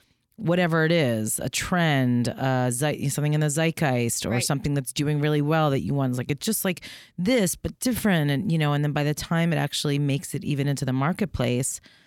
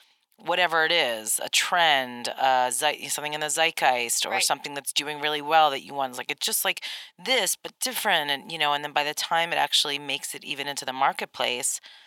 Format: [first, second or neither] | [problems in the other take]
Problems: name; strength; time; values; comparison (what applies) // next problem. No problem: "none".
first | thin; very; fading below 700 Hz